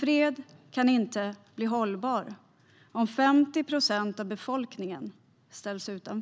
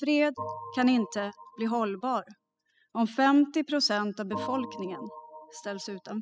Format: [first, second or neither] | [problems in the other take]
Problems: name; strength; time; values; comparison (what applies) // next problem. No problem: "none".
first | noise reduction (classical method spectral subtraction)